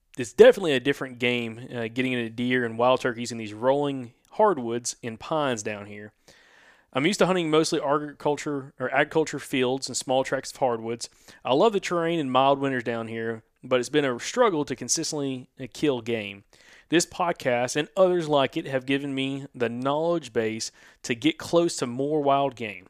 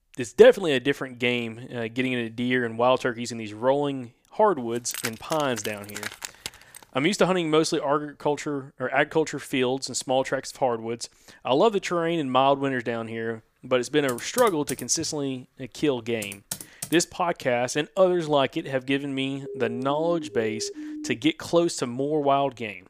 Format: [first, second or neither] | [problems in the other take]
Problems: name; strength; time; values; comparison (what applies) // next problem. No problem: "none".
first | jangling keys; noticeable; from 5 to 7 s; peak 7 dB below the speech // keyboard typing; noticeable; from 14 to 17 s; peak 9 dB below the speech // siren; faint; from 19 to 21 s; peak 10 dB below the speech